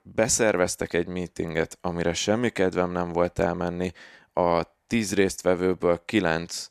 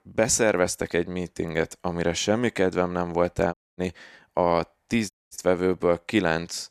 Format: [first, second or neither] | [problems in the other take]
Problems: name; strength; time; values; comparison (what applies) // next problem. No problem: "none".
first | audio cutting out; at 3.5 s and at 5 s